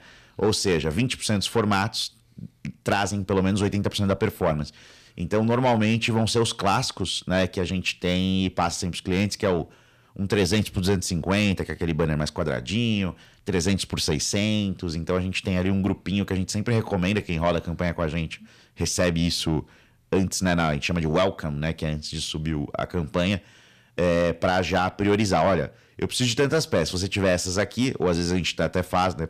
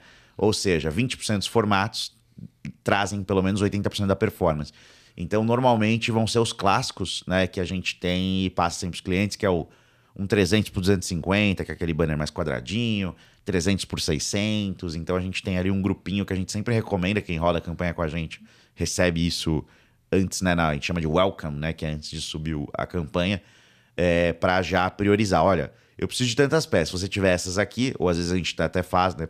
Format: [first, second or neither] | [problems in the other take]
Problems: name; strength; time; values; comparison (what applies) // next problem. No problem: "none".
second | distortion; slight; 10 dB below the speech